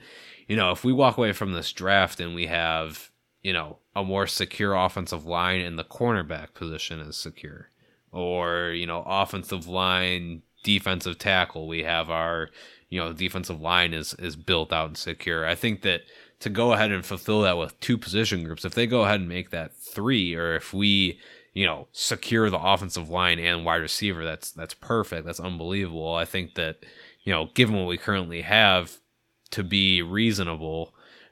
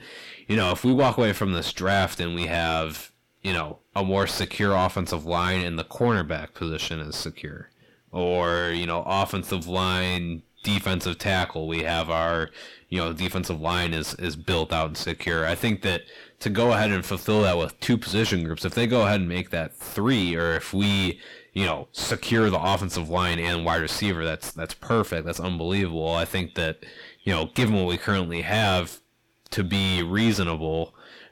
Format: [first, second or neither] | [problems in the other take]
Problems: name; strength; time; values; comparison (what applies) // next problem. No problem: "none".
first | distortion; heavy; 6 dB below the speech